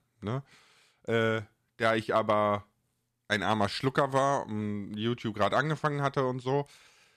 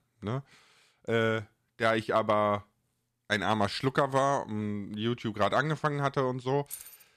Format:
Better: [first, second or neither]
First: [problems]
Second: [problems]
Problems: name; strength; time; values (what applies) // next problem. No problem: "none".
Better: first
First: none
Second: jangling keys; faint; at 6.5 s; peak 15 dB below the speech